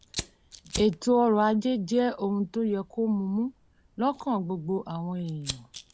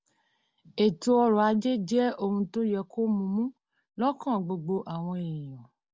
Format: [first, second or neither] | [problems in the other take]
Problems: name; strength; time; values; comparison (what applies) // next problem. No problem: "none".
second | background sound (Fire); 16 dB below the speech